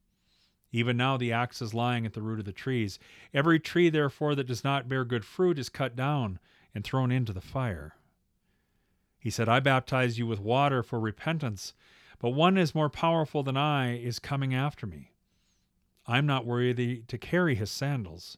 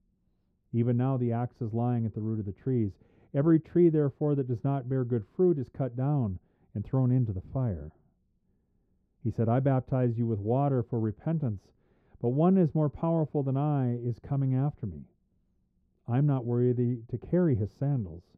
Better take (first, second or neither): first